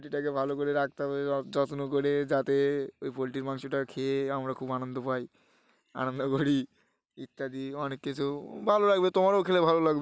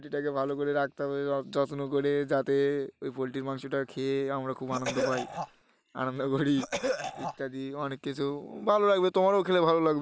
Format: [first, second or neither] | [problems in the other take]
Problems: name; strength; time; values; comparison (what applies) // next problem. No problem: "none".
first | background sound (Cough); 5 dB below the speech